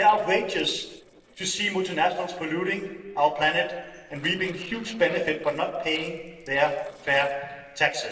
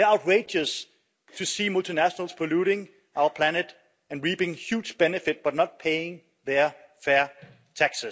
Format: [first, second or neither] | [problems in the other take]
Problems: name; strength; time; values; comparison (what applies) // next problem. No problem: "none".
second | noise reduction (neural separator model SepFormer DNS4)